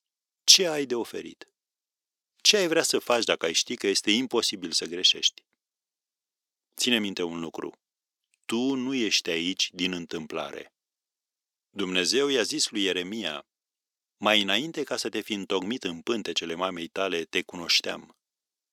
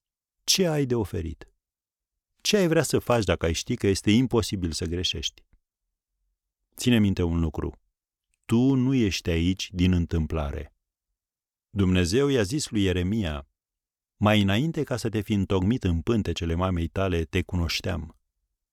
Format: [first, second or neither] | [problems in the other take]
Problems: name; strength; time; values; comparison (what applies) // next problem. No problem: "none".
second | thin; somewhat; fading below 300 Hz